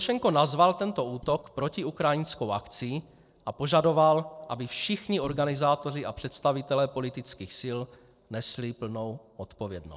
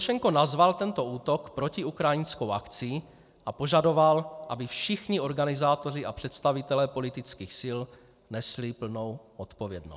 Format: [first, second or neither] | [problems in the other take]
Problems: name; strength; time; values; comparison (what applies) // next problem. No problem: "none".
second | noise reduction (neural separator model SepFormer DNS4)